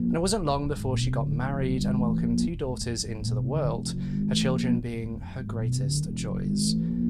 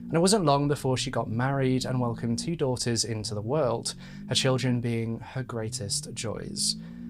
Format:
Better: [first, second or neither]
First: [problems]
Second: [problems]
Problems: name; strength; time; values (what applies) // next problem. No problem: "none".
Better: second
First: low rumble; loud; throughout; 4 dB below the speech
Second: low rumble; faint; throughout; 20 dB below the speech